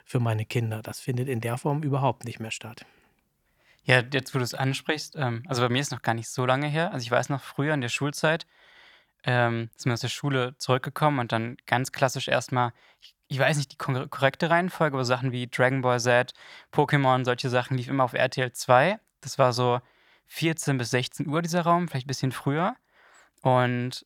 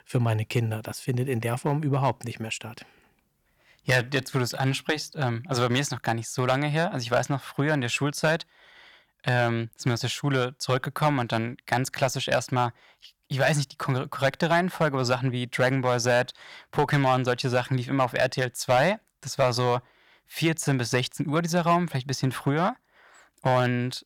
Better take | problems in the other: first | distortion; slight; 1.9% of the sound clipped

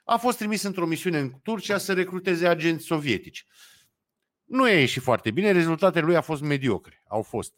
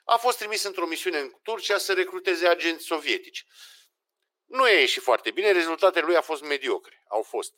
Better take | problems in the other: first | thin; very; fading below 400 Hz

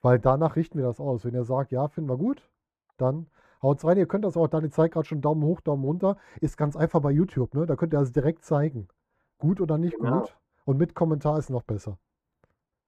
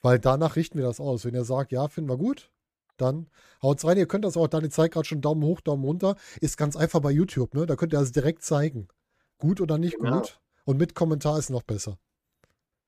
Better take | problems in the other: second | muffled; very; fading above 2.5 kHz

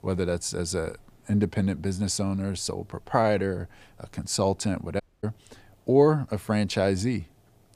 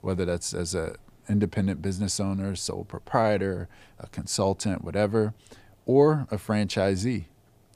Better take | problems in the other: second | audio cutting out; at 5 s

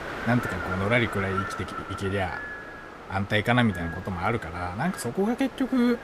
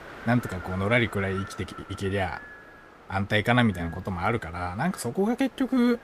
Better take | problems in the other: second | wind noise on the microphone; heavy; 6 dB below the speech; occasional gusts in the second

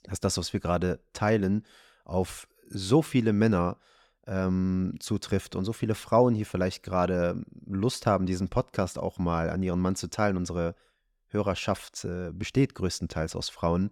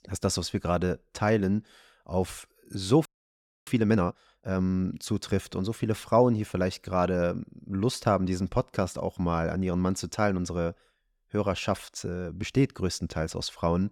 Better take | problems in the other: first | audio freezing; at 3 s for 0.5 s

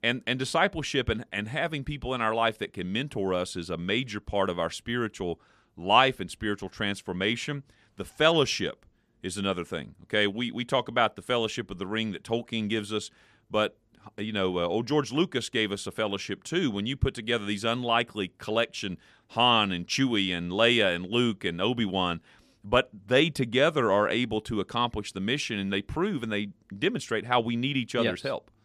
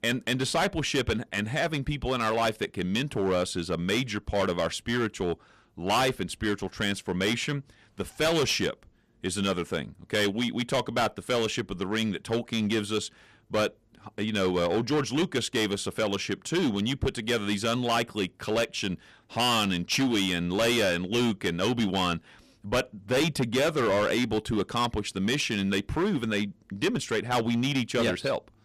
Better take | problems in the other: first | distortion; heavy; 11% of the sound clipped

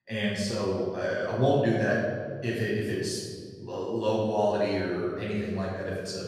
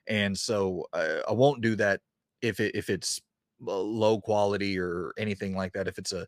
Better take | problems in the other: second | off-mic speech; far // room echo; strong; dies away in 2.3 s

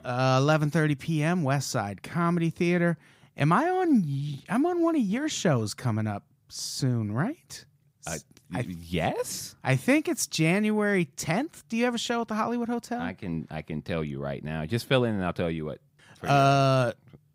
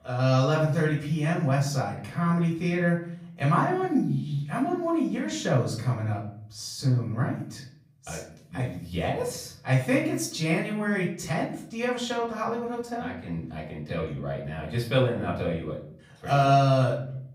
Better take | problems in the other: first | off-mic speech; far // room echo; slight; dies away in 0.5 s

